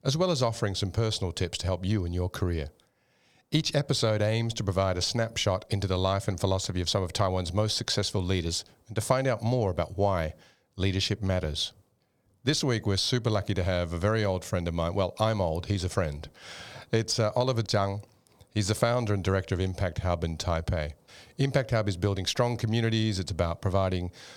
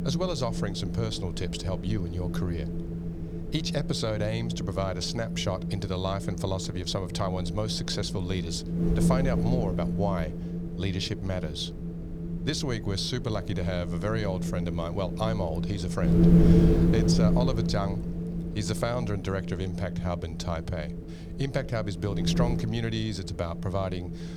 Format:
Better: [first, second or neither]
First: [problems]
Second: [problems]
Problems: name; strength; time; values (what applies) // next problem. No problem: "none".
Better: first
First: none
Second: wind noise on the microphone; heavy; 4 dB below the speech